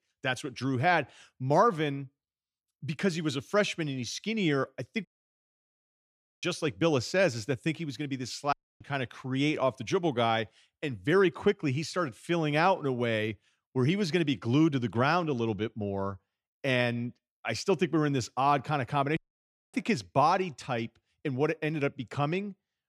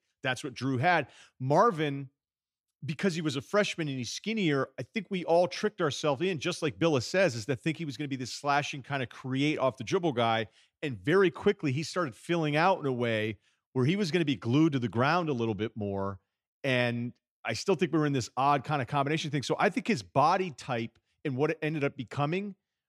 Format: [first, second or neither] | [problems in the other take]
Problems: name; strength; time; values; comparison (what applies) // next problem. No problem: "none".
second | audio cutting out; at 5 s for 1.5 s, at 8.5 s and at 19 s for 0.5 s